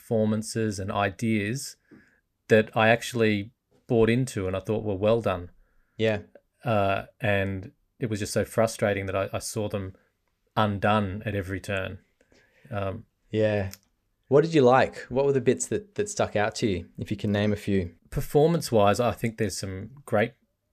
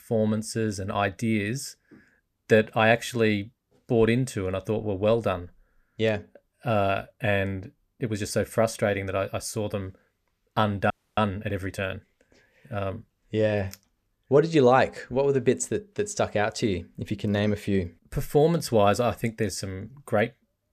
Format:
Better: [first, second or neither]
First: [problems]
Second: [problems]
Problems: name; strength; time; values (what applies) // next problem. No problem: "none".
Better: first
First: none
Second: audio freezing; at 11 s